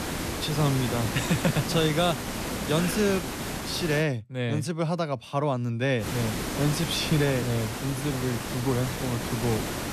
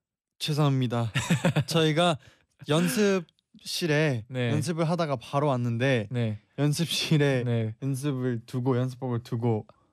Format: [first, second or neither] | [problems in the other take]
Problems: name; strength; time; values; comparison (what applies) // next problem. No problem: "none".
second | hiss; loud; until 4 s and from 6 s on; 4 dB below the speech